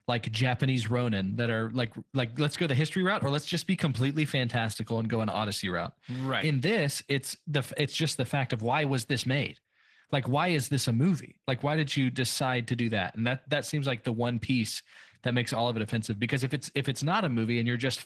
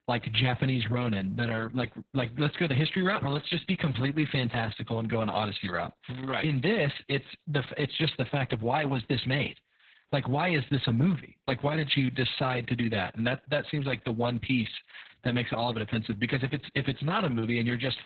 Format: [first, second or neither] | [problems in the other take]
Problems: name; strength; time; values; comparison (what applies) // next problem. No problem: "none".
first | garbled, watery; badly; nothing above 4 kHz; slightly in the first